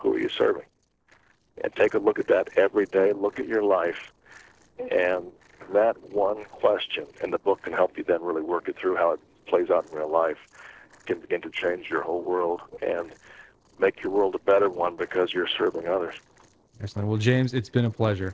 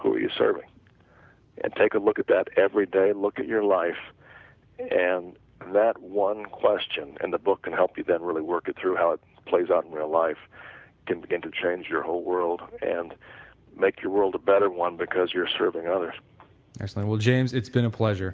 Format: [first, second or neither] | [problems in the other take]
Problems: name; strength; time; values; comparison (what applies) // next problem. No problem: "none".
second | noise reduction (neural separator model SepFormer DNS4)